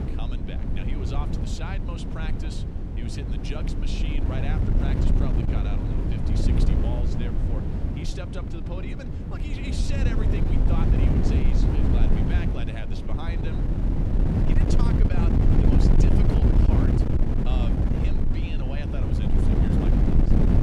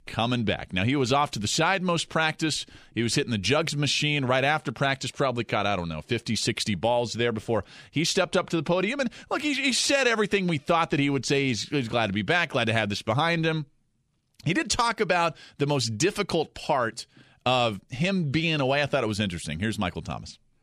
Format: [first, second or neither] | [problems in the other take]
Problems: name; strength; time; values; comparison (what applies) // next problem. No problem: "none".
second | wind noise on the microphone; heavy; 5 dB above the speech